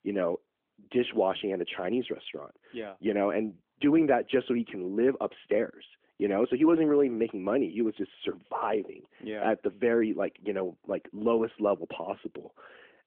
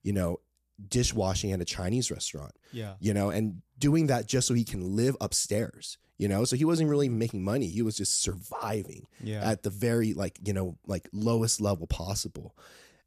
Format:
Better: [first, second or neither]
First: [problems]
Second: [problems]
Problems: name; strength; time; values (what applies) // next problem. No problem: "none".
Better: second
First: phone-call audio; nothing above 3.5 kHz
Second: none